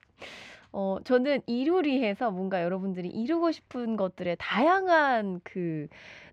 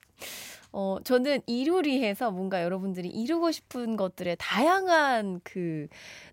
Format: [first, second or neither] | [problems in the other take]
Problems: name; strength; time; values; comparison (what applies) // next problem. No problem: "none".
second | muffled; slightly; fading above 3 kHz